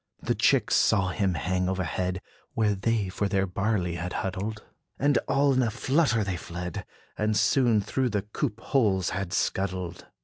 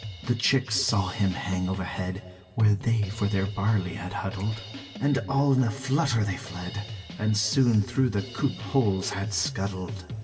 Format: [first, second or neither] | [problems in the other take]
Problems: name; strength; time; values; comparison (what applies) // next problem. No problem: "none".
first | background sound (Drum kit); 13 dB below the speech // room echo; dies away in 2 s